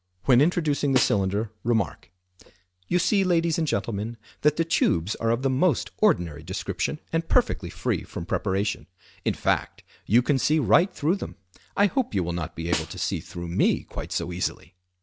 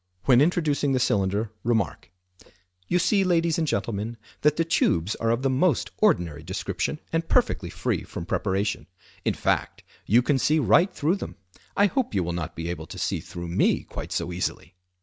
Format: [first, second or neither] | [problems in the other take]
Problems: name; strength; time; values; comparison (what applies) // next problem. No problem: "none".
second | background sound (Snare drum); 11 dB below the speech